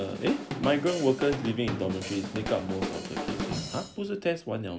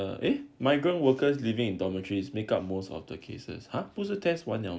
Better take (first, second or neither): second